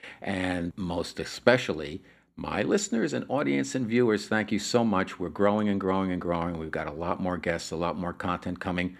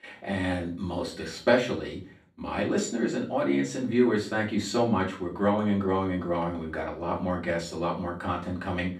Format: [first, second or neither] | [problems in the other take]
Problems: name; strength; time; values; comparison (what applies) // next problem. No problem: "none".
first | off-mic speech; far // room echo; slight; dies away in 0.3 s